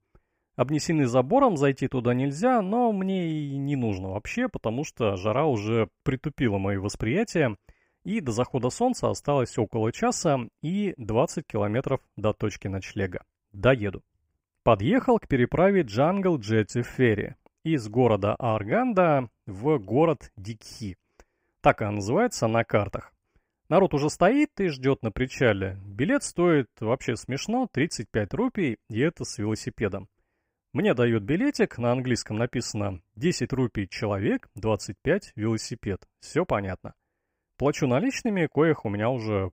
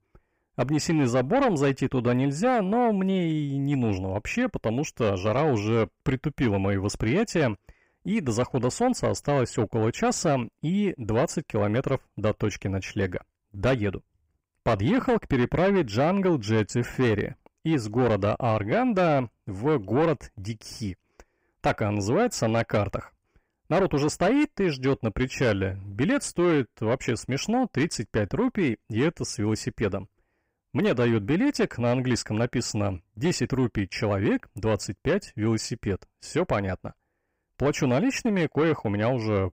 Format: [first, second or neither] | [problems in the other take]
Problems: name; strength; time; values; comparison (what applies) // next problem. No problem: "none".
first | distortion; slight; 10 dB below the speech